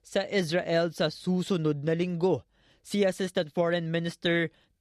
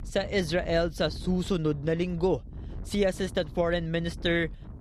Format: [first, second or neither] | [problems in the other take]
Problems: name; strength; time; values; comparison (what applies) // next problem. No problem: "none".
first | wind noise on the microphone; occasional gusts; 25 dB below the speech